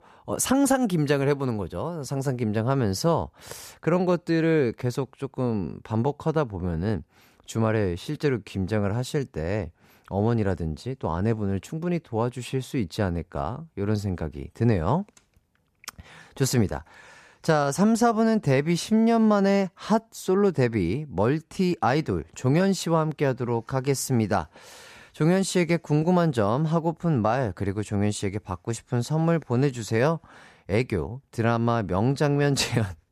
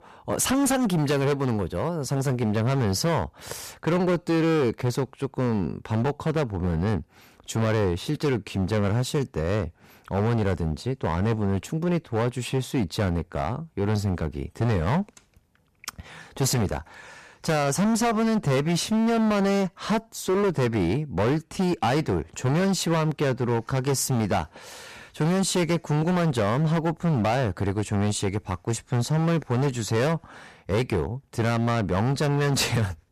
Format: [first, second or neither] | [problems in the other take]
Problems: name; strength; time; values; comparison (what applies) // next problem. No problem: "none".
first | distortion; heavy; 18% of the sound clipped